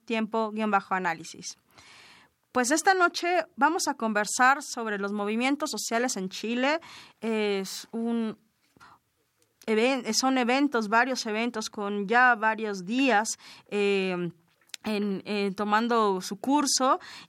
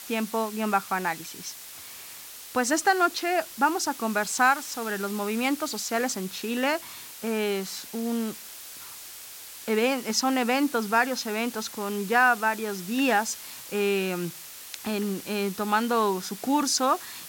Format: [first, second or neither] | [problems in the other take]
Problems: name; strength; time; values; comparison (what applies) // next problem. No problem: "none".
first | hiss; noticeable; throughout; 15 dB below the speech